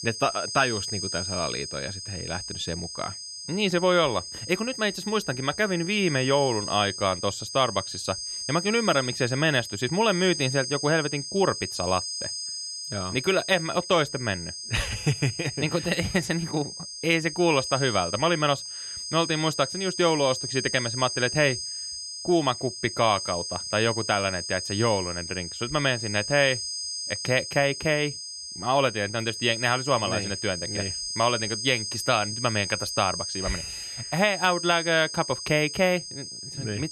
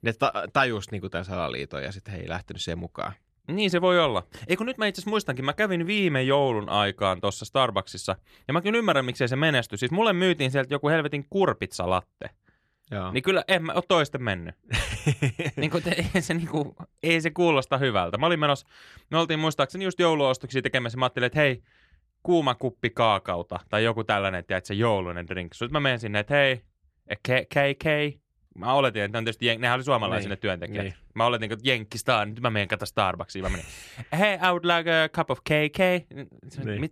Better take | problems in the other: second | high-pitched whine; loud; throughout; 5 kHz, 6 dB below the speech

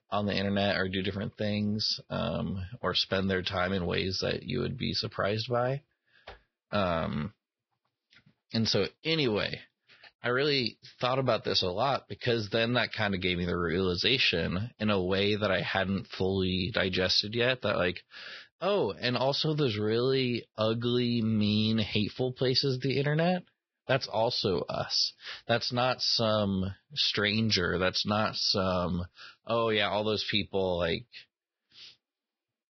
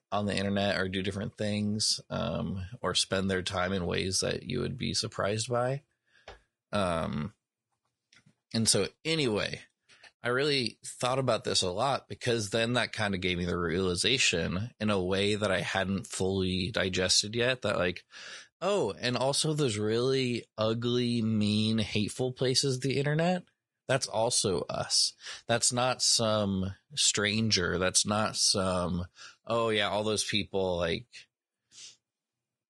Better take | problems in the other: second | garbled, watery; badly; nothing above 5.5 kHz; slightly in the second

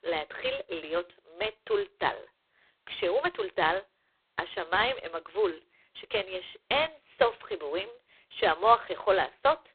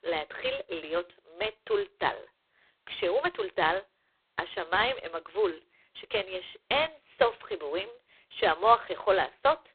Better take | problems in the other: neither | phone-call audio; poor line; nothing above 4 kHz; the same in both

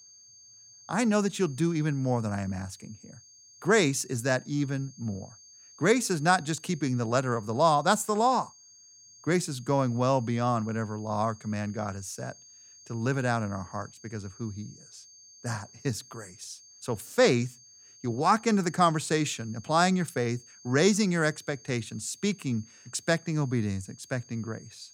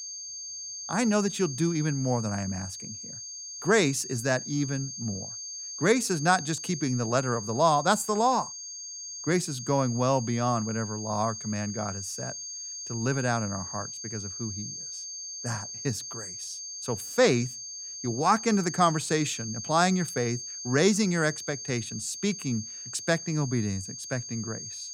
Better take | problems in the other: first | high-pitched whine; loud; throughout; 6.5 kHz, 8 dB below the speech; faint in the first

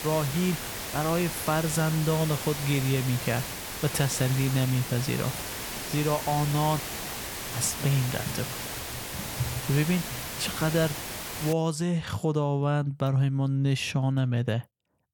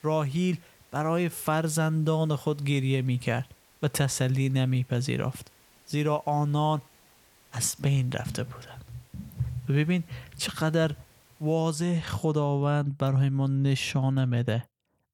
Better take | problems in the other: second | hiss; loud; until 12 s; 6 dB below the speech; faint in the second

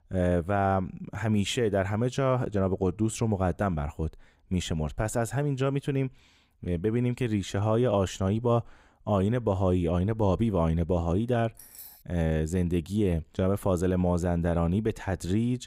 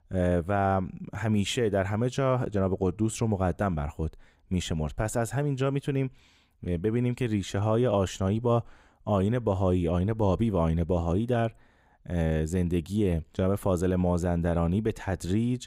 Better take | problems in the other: second | jangling keys; faint; at 12 s; peak 15 dB below the speech

